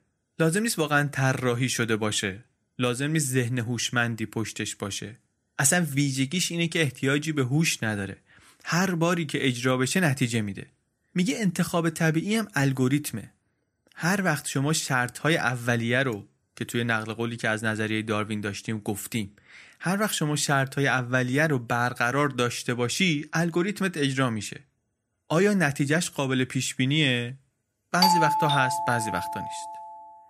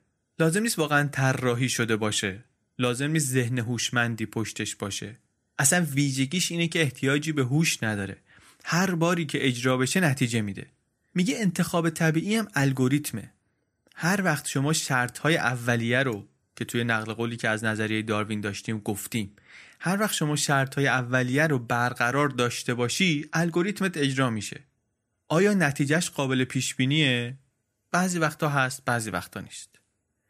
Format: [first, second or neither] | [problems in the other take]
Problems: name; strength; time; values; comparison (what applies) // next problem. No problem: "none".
second | doorbell; loud; from 28 to 30 s; peak 5 dB above the speech